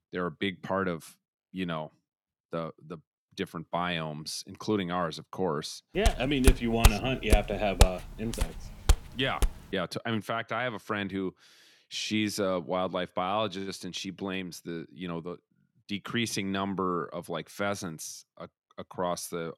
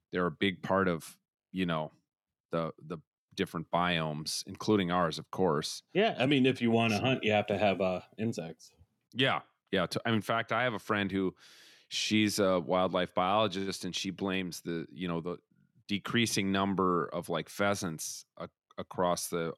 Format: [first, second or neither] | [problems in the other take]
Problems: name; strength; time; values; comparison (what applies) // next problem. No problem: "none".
second | footsteps; loud; from 6 to 9.5 s; peak 6 dB above the speech